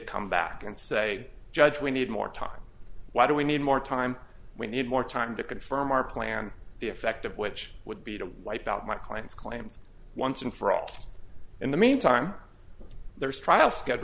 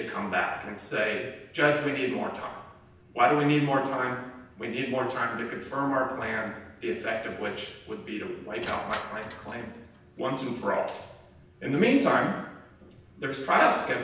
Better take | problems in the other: first | background sound (Crushing); 18 dB below the speech // room echo; dies away in 0.9 s

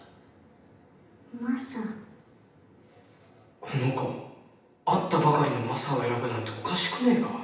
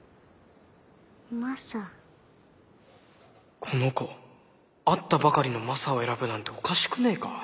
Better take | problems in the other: second | room echo; dies away in 0.9 s

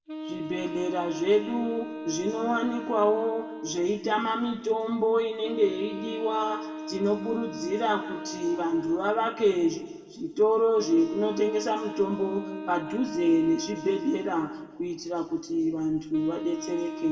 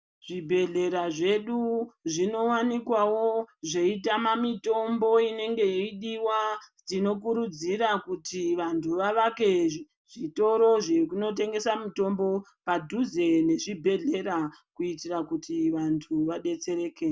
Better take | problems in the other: second | background sound (Wind instrument, woodwind instrument); 11 dB below the speech // room echo; dies away in 1.5 s

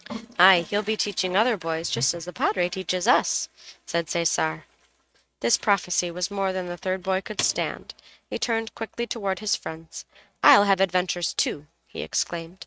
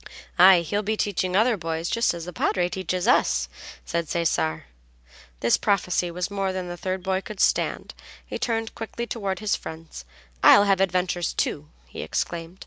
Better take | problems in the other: second | noise reduction (neural mask model RNNoise)

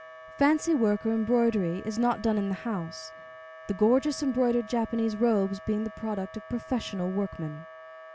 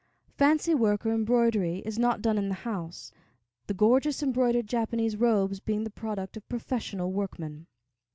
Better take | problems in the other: second | background sound (Wind instrument, woodwind instrument); 17 dB below the speech

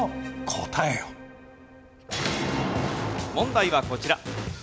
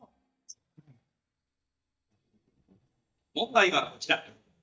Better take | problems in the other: first | noise reduction (neural mask model DeepFilterNet 3)

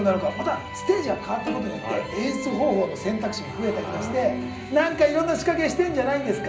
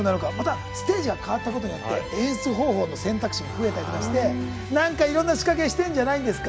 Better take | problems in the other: second | background sound (Plucked string instrument); 18 dB below the speech // room echo; dies away in 0.5 s

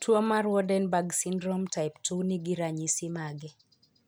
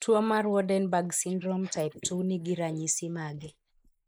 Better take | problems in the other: first | noise reduction (neural mask model Resemble Enhance denoiser)

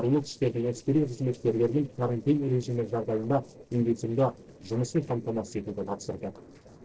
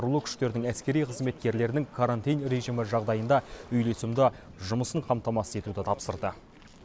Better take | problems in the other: second | noise reduction (neural separator model SepFormer DNS4)

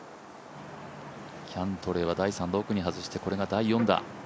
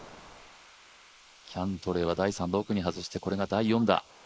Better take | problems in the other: first | noise reduction (neural mask model Resemble Enhance denoiser)

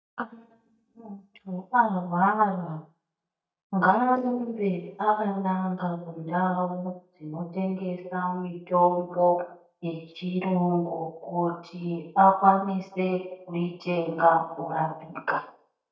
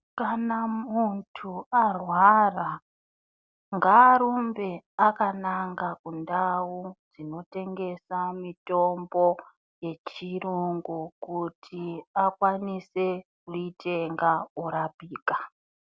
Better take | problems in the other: second | noise reduction (neural mask model DeepFilterNet 3)

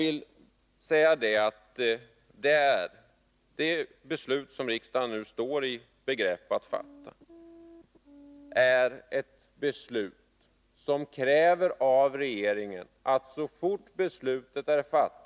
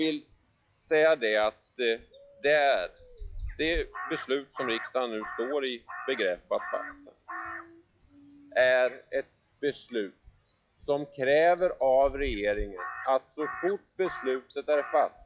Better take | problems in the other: first | noise reduction (classical method log-MMSE)

